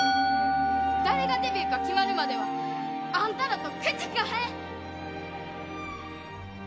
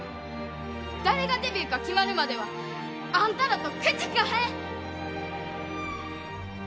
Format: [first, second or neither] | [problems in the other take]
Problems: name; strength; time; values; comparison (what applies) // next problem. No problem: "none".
second | background sound (Musical instrument); 2 dB above the speech